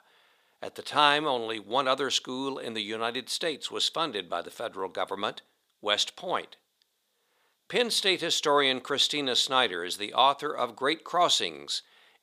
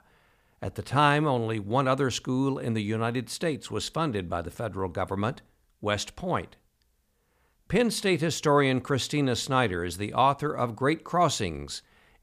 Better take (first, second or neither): second